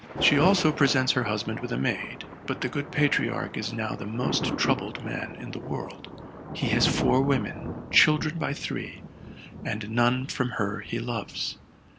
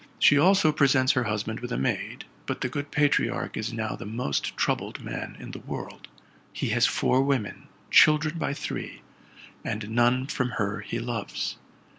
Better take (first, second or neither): second